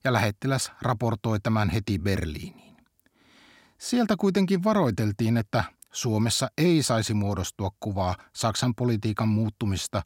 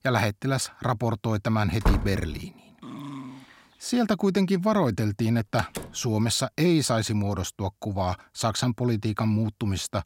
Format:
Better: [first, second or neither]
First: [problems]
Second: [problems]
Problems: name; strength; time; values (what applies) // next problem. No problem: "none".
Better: first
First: none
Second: door banging; noticeable; at 2 s; peak 1 dB below the speech // dog barking; faint; at 3 s; peak 10 dB below the speech // door banging; faint; at 5.5 s; peak 10 dB below the speech